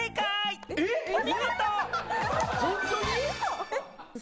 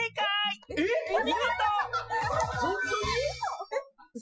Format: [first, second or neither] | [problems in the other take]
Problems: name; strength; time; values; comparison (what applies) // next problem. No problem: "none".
first | noise reduction (classical method Wiener filter)